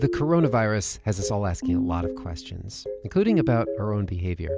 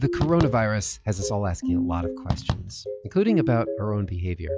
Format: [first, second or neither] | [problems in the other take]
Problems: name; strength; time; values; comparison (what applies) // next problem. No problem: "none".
first | noise reduction (classical method log-MMSE)